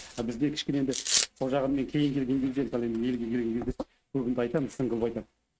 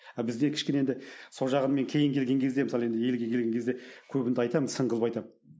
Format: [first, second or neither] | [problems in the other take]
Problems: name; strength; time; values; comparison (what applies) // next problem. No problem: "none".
second | noise reduction (neural mask model RNNoise)